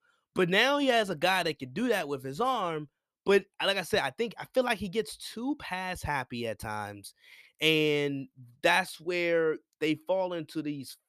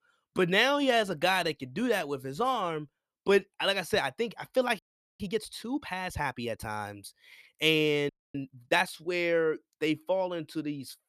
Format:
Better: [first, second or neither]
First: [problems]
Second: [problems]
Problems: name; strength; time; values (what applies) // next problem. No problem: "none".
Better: first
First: none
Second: audio freezing; at 5 s and at 8 s